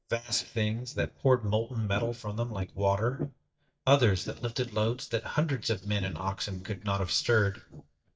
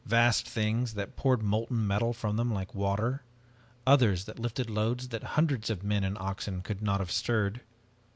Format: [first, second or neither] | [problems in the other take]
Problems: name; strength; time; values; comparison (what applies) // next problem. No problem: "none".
second | noise reduction (neural mask model DeepFilterNet 3)